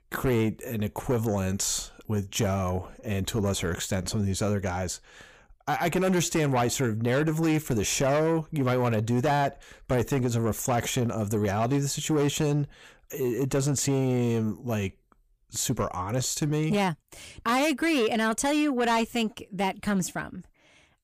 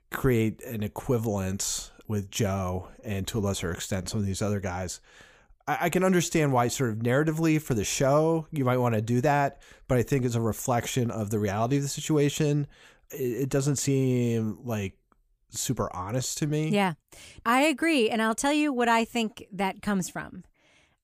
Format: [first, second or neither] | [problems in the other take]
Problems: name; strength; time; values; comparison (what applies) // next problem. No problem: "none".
second | distortion; slight; 10 dB below the speech